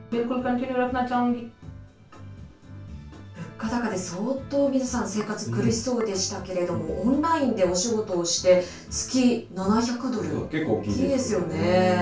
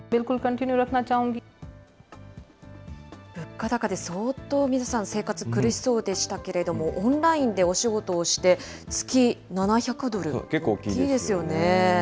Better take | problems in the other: second | background sound (Chink, clink); 20 dB below the speech // room echo; dies away in 0.2 s

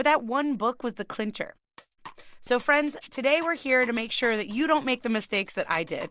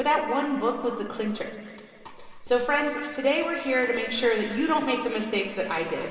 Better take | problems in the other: first | room echo; dies away in 2.3 s

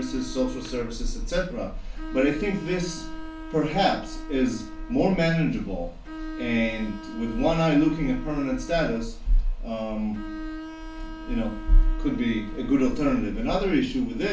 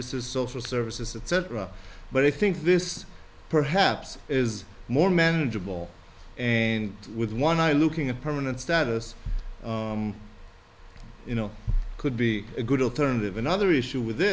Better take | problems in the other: second | background sound (Bowed string instrument); 15 dB below the speech // room echo; dies away in 0.3 s

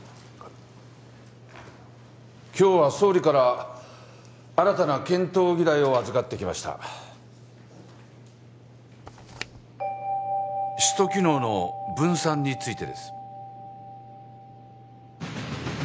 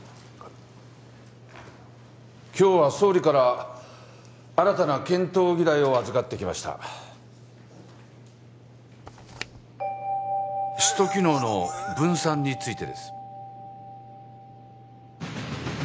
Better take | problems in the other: first | background sound (Cough); 14 dB below the speech

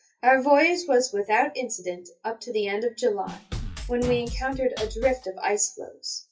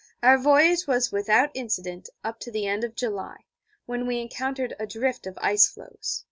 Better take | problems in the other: second | noise reduction (classical method WPE with log-MMSE)

